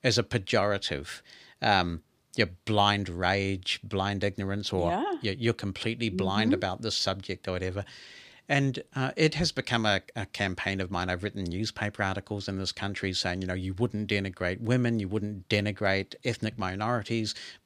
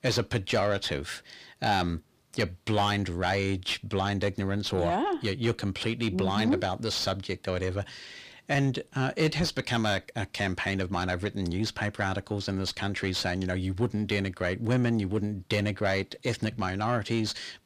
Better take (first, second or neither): first